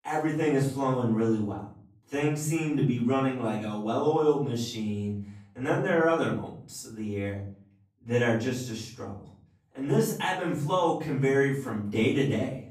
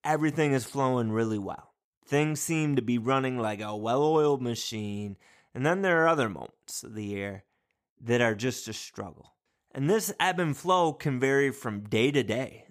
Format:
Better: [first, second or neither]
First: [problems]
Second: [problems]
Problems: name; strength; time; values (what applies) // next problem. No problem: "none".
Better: second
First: off-mic speech; far // room echo; noticeable; dies away in 0.6 s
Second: none